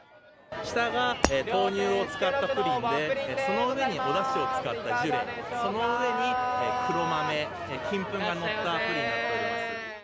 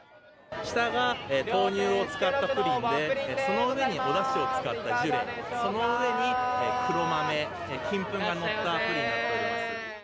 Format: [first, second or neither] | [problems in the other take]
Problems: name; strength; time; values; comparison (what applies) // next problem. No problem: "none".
second | background sound (Shatter); 6 dB below the speech